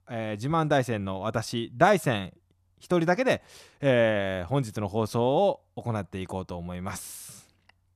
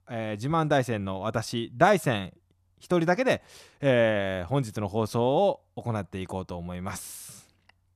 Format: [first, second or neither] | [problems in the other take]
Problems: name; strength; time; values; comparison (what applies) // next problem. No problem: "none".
neither | none